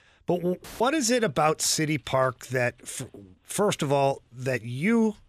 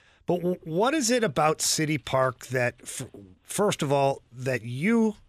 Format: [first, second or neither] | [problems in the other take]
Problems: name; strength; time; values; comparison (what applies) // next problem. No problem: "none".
second | audio cutting out; filled with static; at 0.5 s